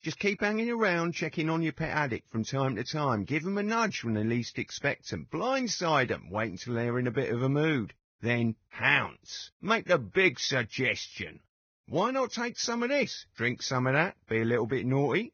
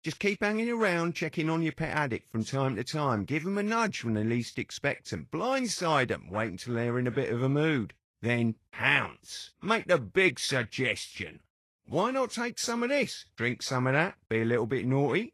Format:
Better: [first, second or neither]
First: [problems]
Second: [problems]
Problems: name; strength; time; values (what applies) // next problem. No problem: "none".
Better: second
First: garbled, watery; badly; nothing above 6.5 kHz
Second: garbled, watery; slightly; nothing above 11.5 kHz